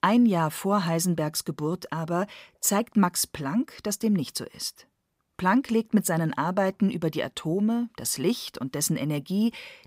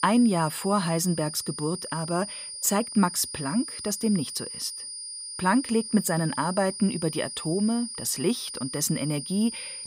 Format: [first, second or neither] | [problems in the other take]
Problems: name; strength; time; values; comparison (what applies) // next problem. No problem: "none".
first | high-pitched whine; loud; throughout; 9.5 kHz, 8 dB below the speech